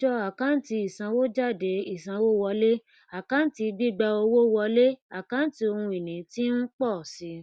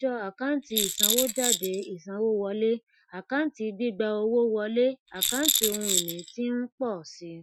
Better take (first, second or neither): first